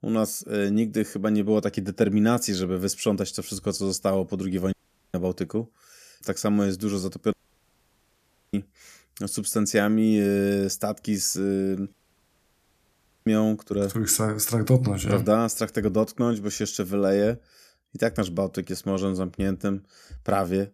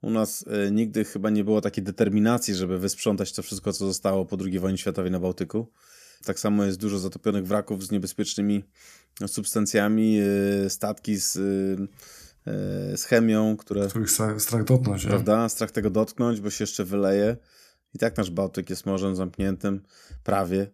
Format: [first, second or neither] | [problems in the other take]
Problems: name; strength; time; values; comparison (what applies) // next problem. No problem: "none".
second | audio cutting out; at 4.5 s, at 7.5 s for 1 s and at 12 s for 1.5 s